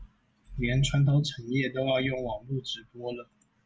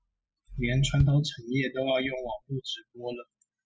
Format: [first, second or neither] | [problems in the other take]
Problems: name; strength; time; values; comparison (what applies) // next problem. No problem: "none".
first | noise reduction (classical method spectral subtraction)